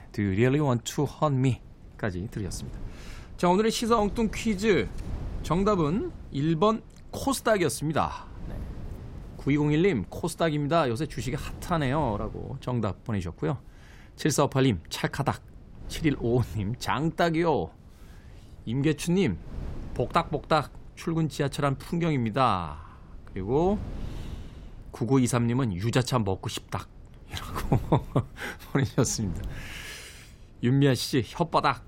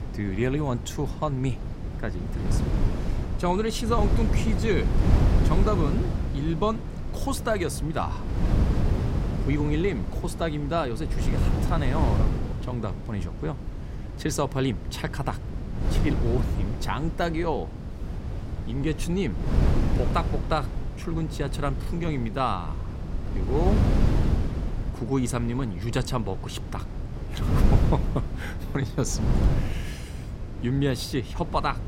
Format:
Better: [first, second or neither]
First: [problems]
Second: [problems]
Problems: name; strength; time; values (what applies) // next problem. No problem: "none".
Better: first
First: wind noise on the microphone; occasional gusts; 25 dB below the speech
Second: wind noise on the microphone; heavy; 7 dB below the speech